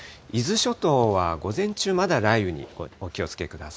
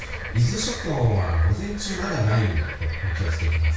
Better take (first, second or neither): first